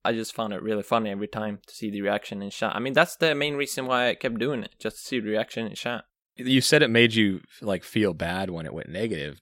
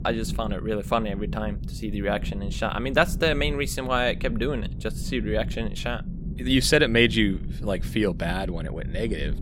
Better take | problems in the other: first | low rumble; noticeable; throughout; 20 dB below the speech

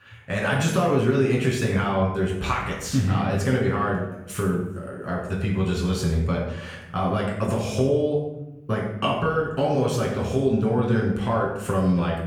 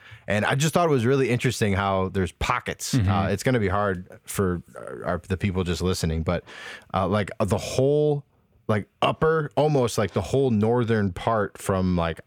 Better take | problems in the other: second | off-mic speech; far // room echo; noticeable; dies away in 0.8 s

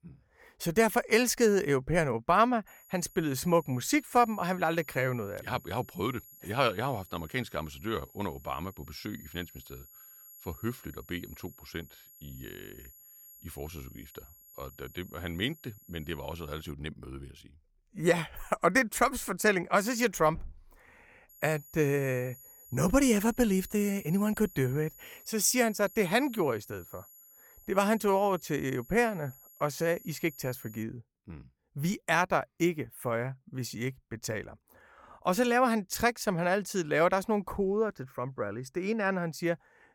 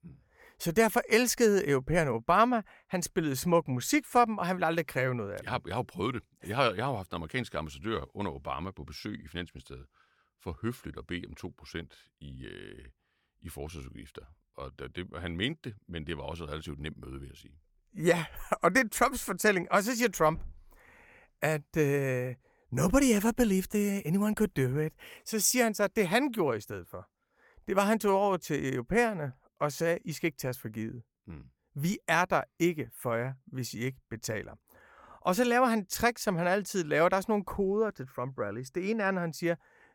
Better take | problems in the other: second | high-pitched whine; faint; from 2.5 to 17 s and from 21 to 31 s; 11.5 kHz, 20 dB below the speech

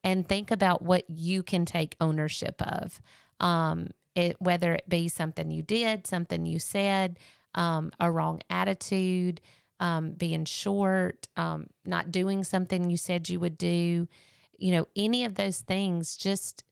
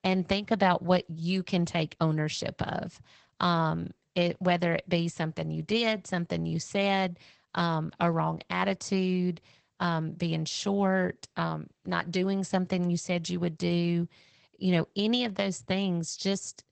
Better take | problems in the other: first | garbled, watery; badly; nothing above 8 kHz; slightly in the first

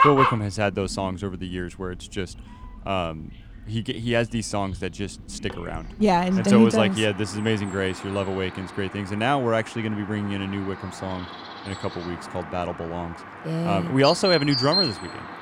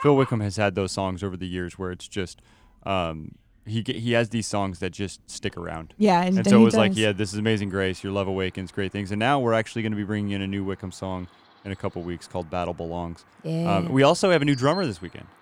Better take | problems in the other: second | animal sounds; loud; throughout; 7 dB below the speech; faint in the second

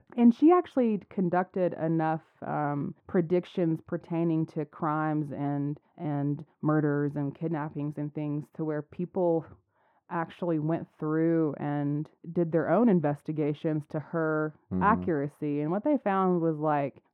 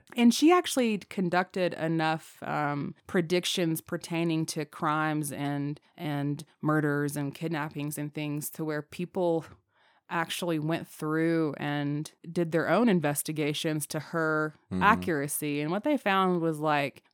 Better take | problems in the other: second | muffled; very; fading above 3 kHz

